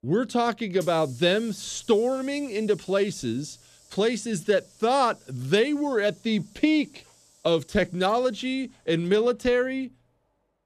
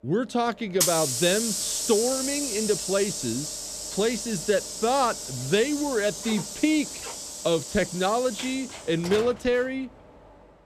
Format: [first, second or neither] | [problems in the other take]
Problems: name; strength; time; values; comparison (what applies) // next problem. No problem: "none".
first | hiss; loud; throughout; 4 dB below the speech; faint in the first